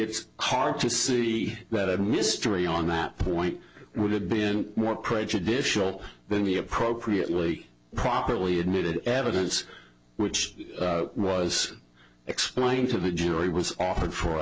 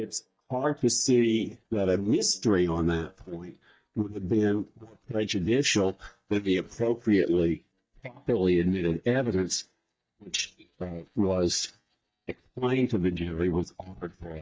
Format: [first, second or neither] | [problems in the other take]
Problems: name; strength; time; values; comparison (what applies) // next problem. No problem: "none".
first | noise reduction (neural mask model DeepFilterNet 3)